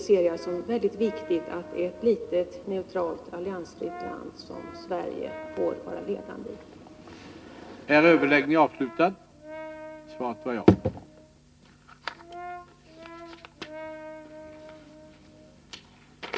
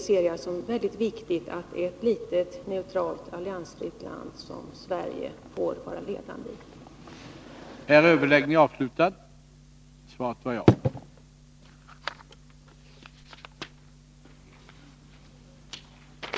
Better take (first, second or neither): second